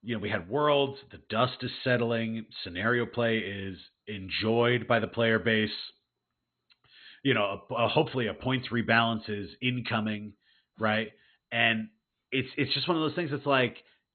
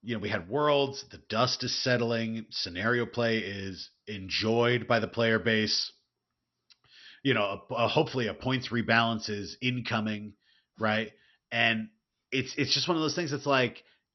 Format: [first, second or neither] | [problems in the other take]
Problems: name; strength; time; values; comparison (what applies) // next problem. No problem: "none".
second | garbled, watery; badly; nothing above 4 kHz; slightly in the second